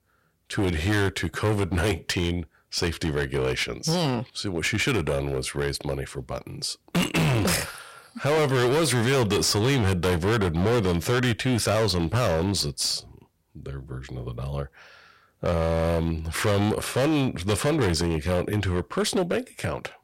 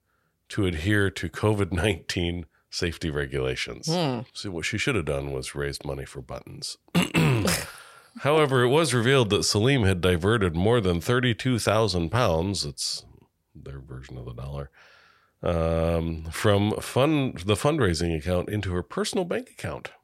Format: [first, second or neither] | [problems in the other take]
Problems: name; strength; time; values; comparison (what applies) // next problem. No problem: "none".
second | distortion; heavy; 16% of the sound clipped